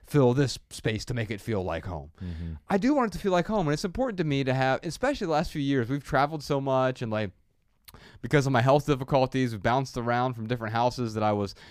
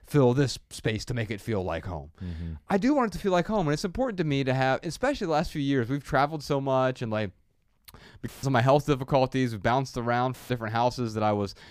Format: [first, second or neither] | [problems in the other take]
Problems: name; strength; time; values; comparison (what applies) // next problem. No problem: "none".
first | audio cutting out; filled with static; at 8.5 s and at 10 s